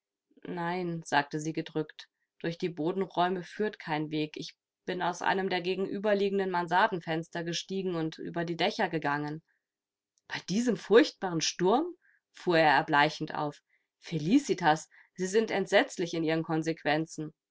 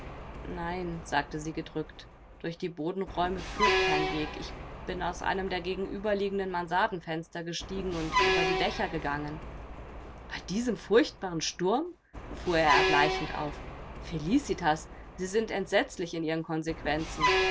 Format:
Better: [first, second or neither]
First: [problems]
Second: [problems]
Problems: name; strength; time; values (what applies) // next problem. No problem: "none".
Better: first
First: none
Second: background sound (Truck); 3 dB below the speech